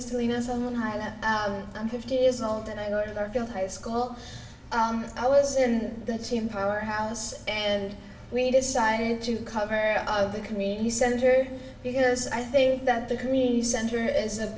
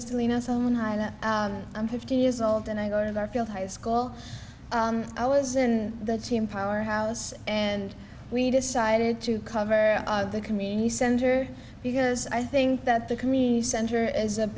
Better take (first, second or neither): second